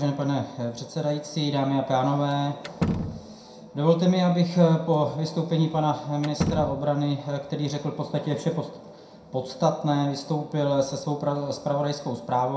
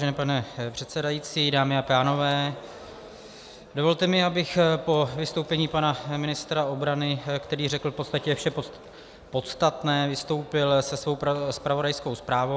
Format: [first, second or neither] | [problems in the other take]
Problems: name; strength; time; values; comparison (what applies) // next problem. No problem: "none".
second | background sound (Slam); 8 dB below the speech // room echo; dies away in 0.5 s